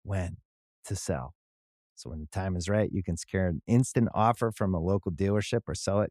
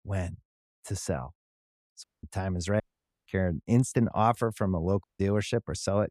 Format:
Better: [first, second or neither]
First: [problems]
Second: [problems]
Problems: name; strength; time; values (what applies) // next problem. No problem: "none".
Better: first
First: none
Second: audio cutting out; at 2 s, at 3 s and at 5 s